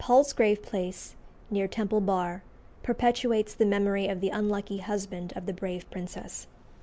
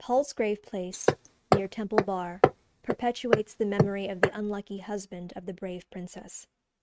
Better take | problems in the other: first | noise reduction (neural mask model RNNoise)

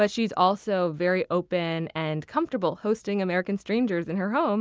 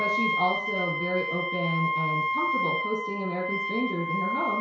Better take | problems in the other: first | background sound (Wind instrument, woodwind instrument); 2 dB above the speech // room echo; dies away in 0.6 s

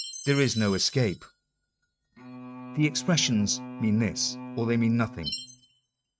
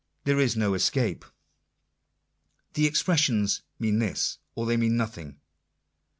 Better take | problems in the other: second | noise reduction (neural mask model RNNoise)

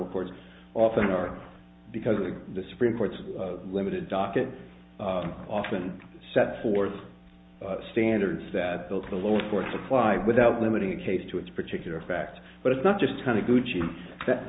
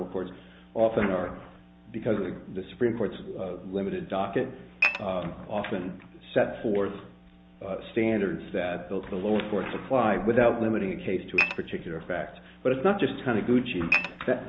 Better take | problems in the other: first | background sound (Dishes, pots, and pans / Glass); 2 dB above the speech

